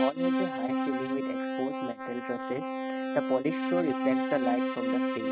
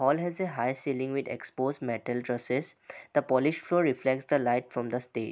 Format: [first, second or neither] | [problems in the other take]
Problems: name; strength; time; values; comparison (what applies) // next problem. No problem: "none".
second | noise reduction (neural mask model RNNoise)